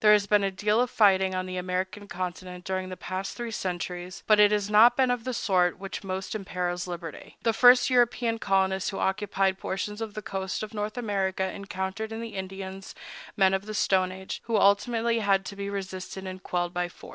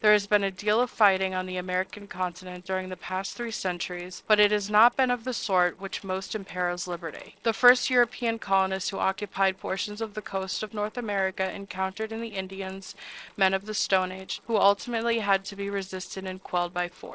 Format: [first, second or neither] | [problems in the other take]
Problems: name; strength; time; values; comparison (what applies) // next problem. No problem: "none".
first | noise reduction (neural separator model SepFormer DNS4)